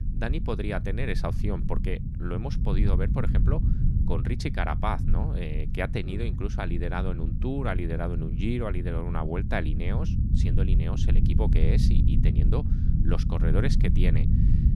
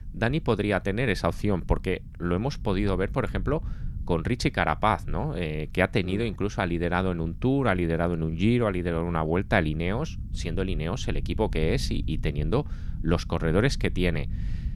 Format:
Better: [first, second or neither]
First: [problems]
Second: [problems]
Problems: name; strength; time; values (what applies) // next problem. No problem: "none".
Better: second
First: low rumble; loud; throughout; 6 dB below the speech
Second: low rumble; faint; throughout; 25 dB below the speech